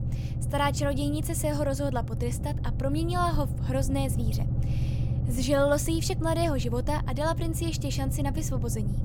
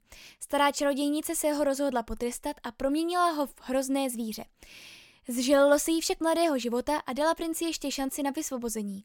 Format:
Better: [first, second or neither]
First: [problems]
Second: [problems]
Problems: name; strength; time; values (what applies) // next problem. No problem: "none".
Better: second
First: low rumble; noticeable; throughout; 10 dB below the speech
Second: none